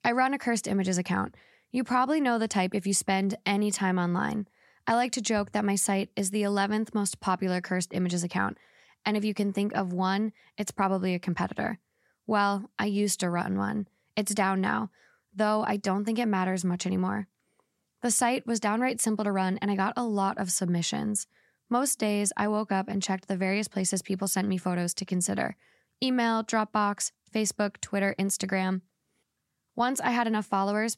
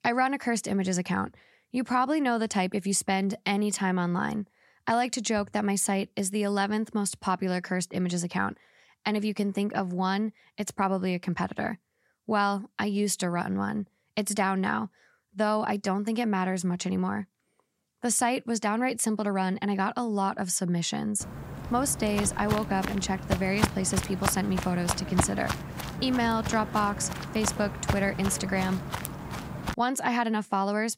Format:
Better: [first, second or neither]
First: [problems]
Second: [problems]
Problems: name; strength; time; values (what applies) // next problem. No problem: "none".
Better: first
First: none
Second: footsteps; loud; from 22 to 30 s; peak level with the speech